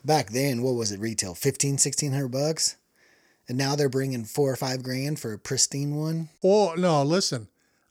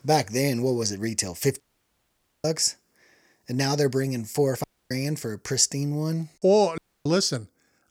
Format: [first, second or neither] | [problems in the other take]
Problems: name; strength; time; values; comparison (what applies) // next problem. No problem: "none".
first | audio cutting out; at 1.5 s for 1 s, at 4.5 s and at 7 s